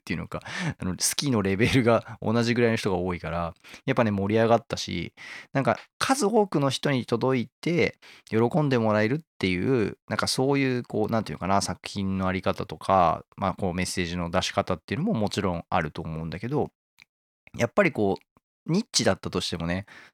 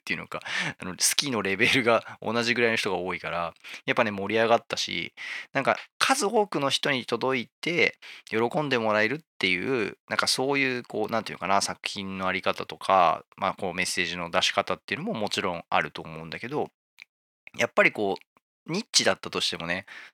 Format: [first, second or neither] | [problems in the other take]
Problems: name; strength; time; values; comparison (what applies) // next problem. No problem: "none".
first | thin; very slightly; fading below 500 Hz